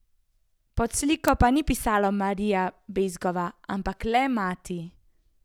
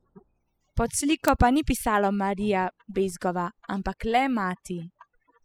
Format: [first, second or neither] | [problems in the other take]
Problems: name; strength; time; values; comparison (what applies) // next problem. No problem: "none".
first | noise reduction (classical method spectral subtraction)